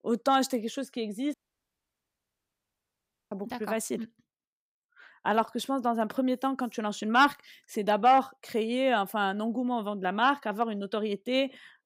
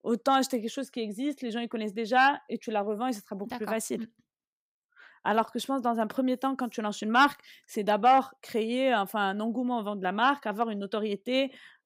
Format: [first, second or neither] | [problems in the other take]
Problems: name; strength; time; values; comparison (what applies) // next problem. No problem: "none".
second | audio cutting out; at 1.5 s for 2 s